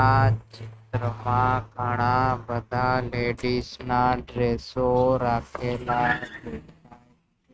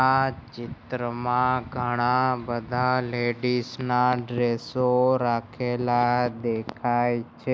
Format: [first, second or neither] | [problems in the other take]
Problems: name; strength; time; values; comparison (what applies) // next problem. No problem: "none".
second | noise reduction (neural mask model RNNoise)